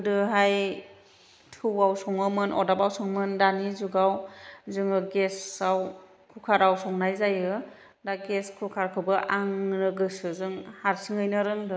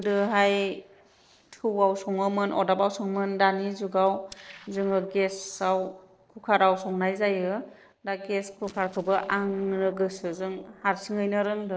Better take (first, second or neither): first